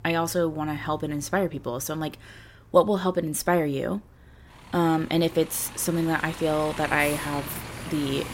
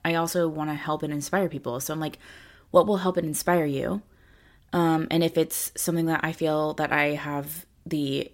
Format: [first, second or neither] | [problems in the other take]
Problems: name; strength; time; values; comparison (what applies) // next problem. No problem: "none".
second | traffic noise; noticeable; throughout; 15 dB below the speech